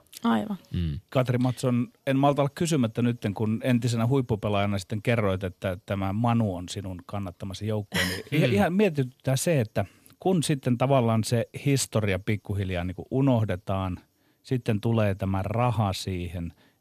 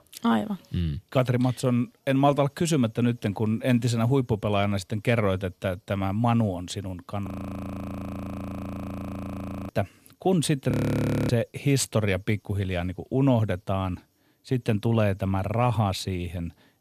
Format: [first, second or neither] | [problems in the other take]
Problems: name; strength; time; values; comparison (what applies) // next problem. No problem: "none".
first | audio freezing; at 7.5 s for 2.5 s and at 11 s for 0.5 s